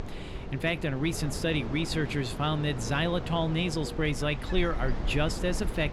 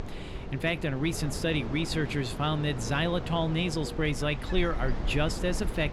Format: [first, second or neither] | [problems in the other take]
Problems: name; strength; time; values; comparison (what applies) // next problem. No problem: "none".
neither | wind in the background; loud; throughout; 8 dB below the speech; the same in both